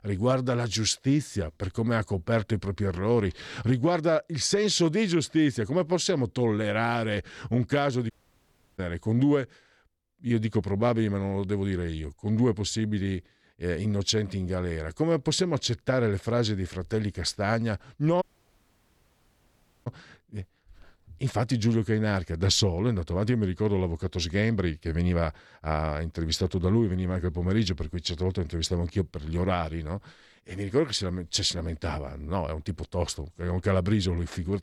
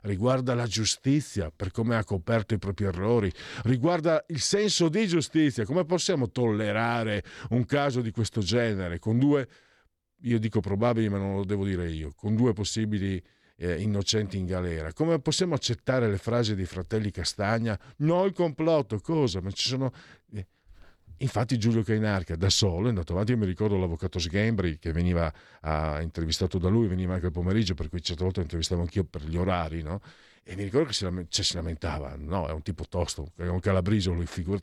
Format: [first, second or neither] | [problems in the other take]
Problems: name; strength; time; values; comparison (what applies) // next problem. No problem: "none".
second | audio cutting out; at 8 s for 0.5 s and at 18 s for 1.5 s